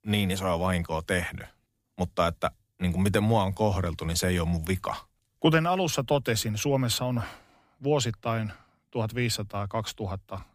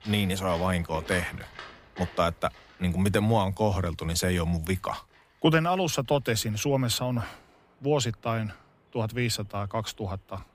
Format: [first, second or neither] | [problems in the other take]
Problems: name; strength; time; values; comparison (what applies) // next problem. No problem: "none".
first | rain or running water; noticeable; throughout; 15 dB below the speech